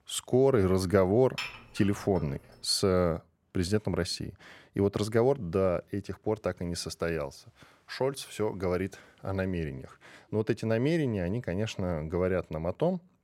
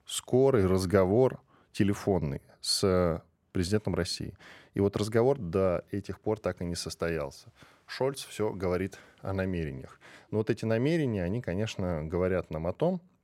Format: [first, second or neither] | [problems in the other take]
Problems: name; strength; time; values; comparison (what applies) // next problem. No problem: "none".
second | clattering dishes; noticeable; at 1.5 s; peak 7 dB below the speech